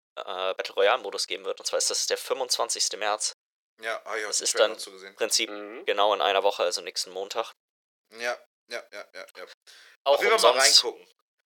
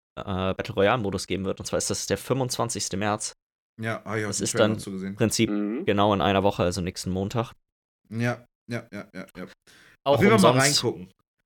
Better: second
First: thin; very; fading below 500 Hz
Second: none

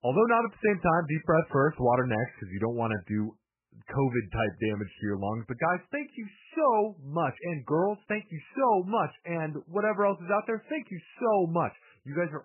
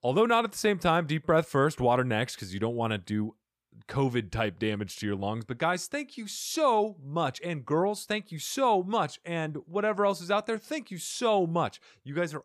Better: second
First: garbled, watery; badly; nothing above 3 kHz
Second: none

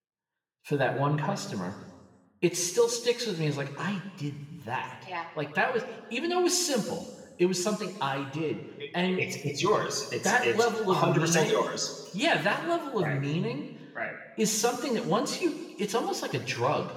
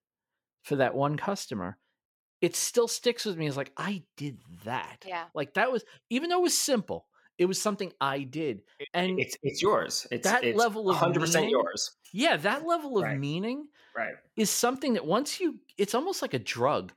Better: second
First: room echo; slight; dies away in 1.3 s // off-mic speech; somewhat distant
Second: none

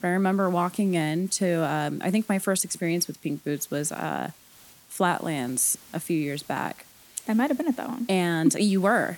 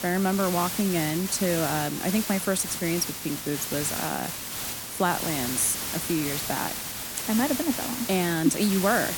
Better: first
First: hiss; faint; throughout; 25 dB below the speech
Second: hiss; loud; throughout; 3 dB below the speech

